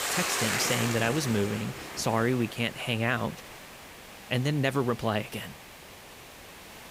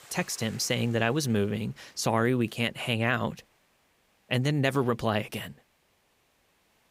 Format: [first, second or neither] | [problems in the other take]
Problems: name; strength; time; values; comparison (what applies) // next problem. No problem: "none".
second | hiss; loud; throughout; 5 dB below the speech; faint in the second